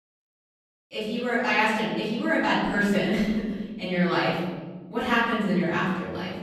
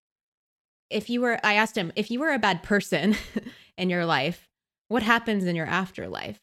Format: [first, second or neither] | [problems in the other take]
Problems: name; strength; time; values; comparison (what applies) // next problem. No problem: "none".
second | off-mic speech; far // room echo; noticeable; dies away in 1.4 s